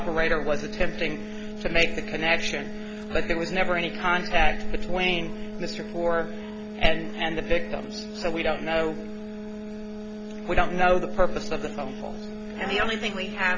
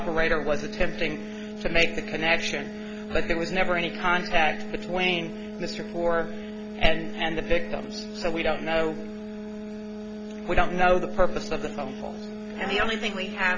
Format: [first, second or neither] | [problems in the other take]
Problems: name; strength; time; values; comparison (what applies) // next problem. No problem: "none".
second | background sound (Dog); 10 dB below the speech